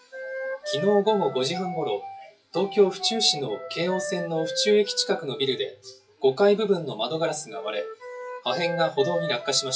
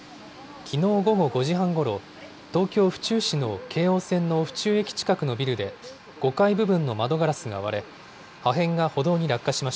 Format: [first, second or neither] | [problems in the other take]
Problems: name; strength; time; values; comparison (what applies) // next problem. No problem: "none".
second | noise reduction (classical method WPE with log-MMSE)